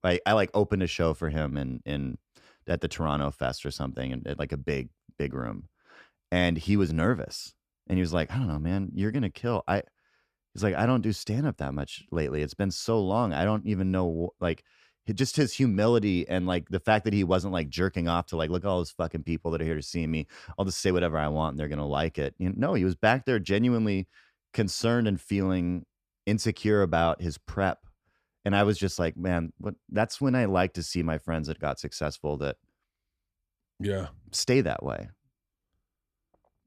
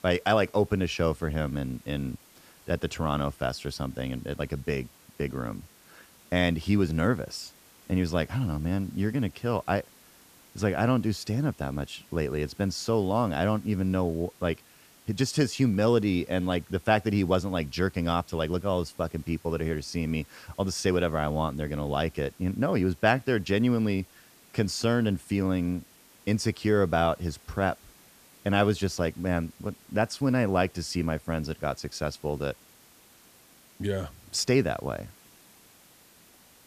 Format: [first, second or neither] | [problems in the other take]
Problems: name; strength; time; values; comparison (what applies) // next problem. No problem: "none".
first | hiss; faint; throughout; 25 dB below the speech